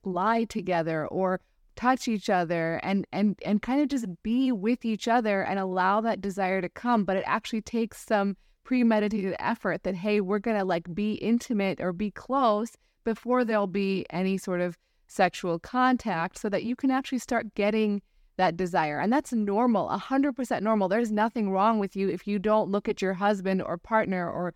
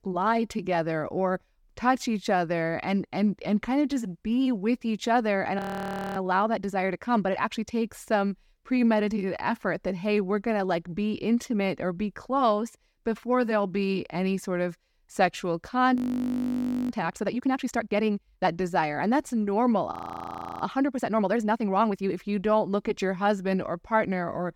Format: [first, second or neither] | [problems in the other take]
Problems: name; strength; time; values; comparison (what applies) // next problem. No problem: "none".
first | audio freezing; at 5.5 s for 0.5 s, at 16 s for 1 s and at 20 s for 0.5 s